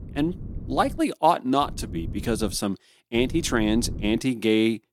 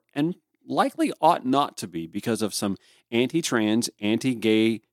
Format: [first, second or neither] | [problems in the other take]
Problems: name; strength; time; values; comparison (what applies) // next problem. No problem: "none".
second | wind noise on the microphone; occasional gusts; at the start, at 1.5 s and from 3 to 4 s; 20 dB below the speech